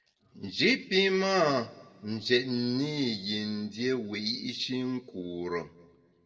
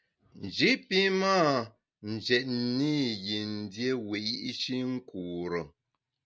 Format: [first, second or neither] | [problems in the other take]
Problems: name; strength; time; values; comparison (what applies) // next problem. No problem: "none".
second | room echo; dies away in 1.2 s